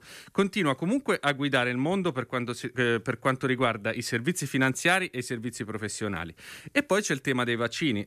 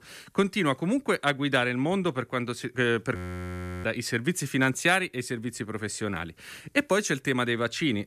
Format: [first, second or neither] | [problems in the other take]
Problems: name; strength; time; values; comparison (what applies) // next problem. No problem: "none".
first | audio freezing; at 3 s for 0.5 s